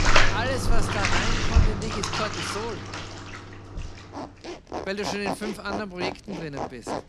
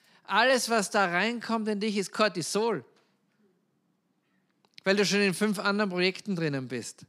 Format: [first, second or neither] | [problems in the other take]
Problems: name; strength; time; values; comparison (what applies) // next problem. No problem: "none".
second | household noises; very loud; throughout; 4 dB above the speech